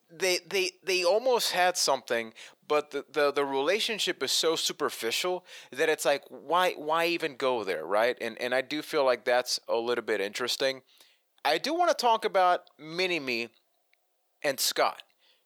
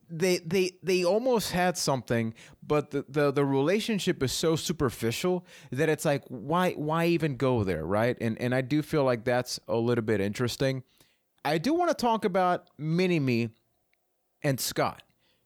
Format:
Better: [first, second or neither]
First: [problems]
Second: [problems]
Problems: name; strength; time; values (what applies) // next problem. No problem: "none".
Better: second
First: thin; very; fading below 550 Hz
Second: none